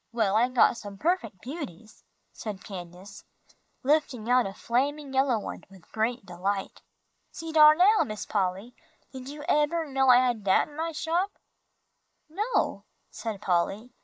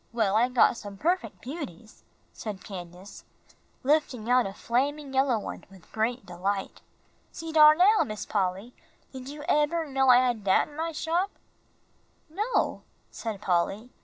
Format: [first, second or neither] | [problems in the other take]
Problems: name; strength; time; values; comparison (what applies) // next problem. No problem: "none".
second | noise reduction (neural mask model Resemble Enhance denoiser)